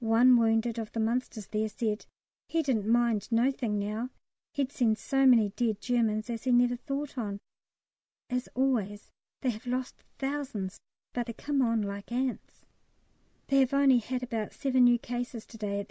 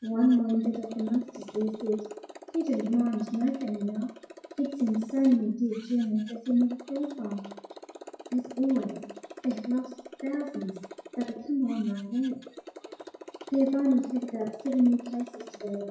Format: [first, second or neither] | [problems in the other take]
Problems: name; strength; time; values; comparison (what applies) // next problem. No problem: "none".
first | noise reduction (classical method WPE with log-MMSE)